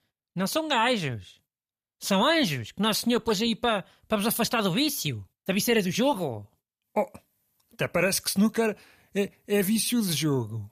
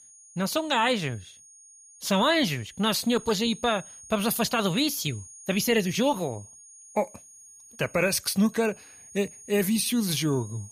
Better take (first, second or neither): first